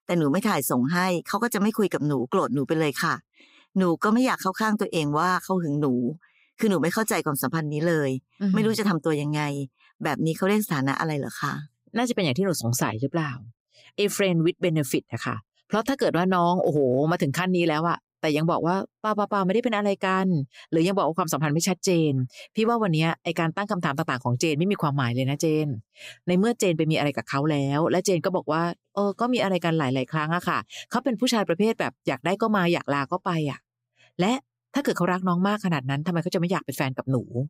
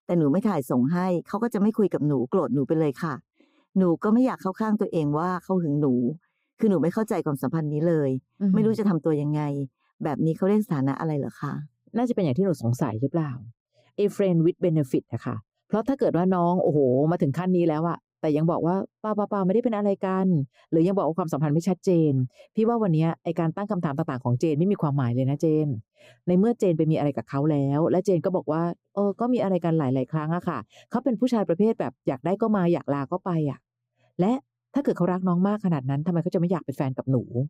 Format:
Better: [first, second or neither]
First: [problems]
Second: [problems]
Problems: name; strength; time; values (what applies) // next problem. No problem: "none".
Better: first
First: none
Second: muffled; slightly; fading above 1 kHz